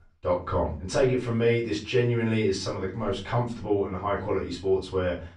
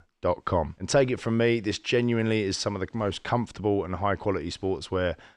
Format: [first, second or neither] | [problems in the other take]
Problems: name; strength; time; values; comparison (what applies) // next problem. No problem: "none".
second | room echo; slight; dies away in 0.3 s // off-mic speech; far